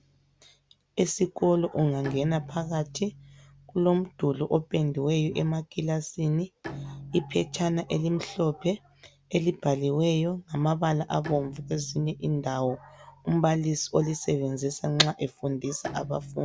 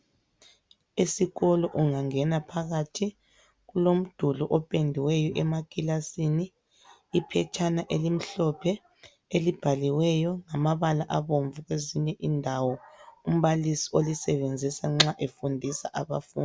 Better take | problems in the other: second | background sound (Bowed string instrument); 18 dB below the speech

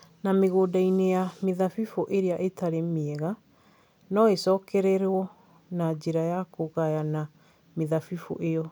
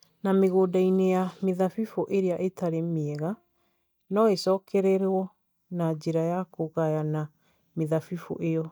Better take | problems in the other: first | noise reduction (neural mask model DeepFilterNet 3)

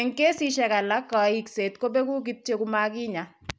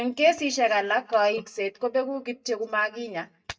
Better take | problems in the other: first | noise reduction (neural mask model DeepFilterNet 3)

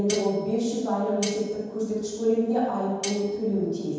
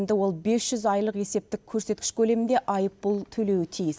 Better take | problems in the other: second | background sound (Cutlery, silverware); 14 dB below the speech // room echo; dies away in 1.2 s

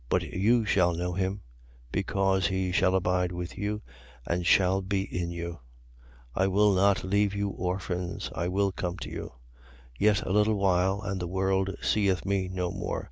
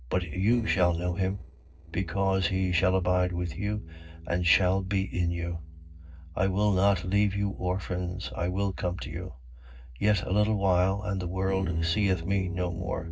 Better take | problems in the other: first | noise reduction (neural separator model SepFormer DNS4)

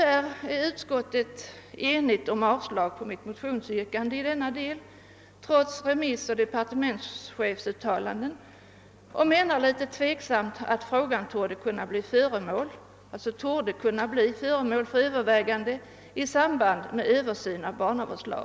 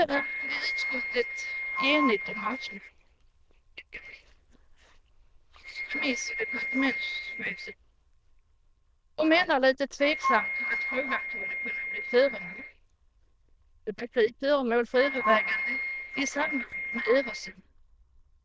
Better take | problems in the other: first | noise reduction (neural diffusion model UNIVERSE++)

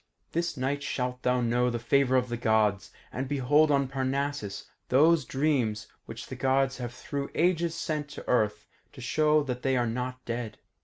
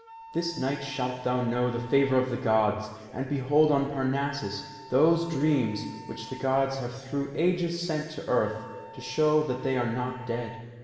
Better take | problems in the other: first | background sound (Wind instrument, woodwind instrument); 20 dB below the speech // room echo; dies away in 1.9 s

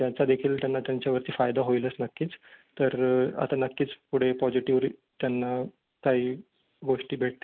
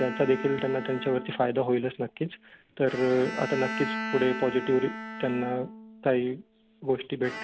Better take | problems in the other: first | background sound (Bowed string instrument); 10 dB below the speech

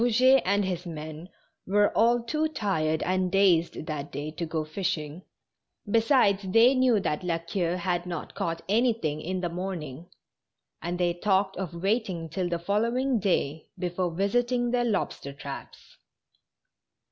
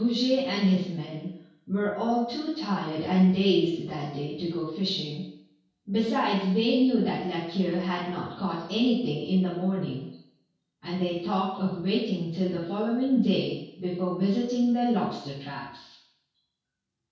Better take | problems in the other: first | room echo; dies away in 0.6 s

